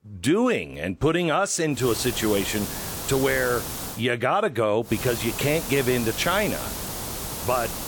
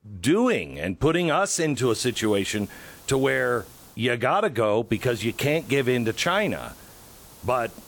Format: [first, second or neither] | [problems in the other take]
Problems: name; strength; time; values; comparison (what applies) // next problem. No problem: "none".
second | hiss; loud; from 2 to 4 s and from 5 s on; 7 dB below the speech; faint in the second